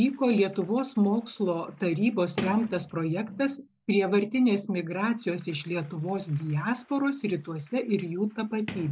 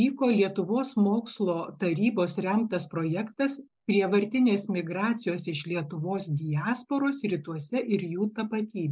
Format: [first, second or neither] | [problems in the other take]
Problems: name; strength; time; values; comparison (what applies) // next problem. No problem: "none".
second | background sound (Sliding door); 17 dB below the speech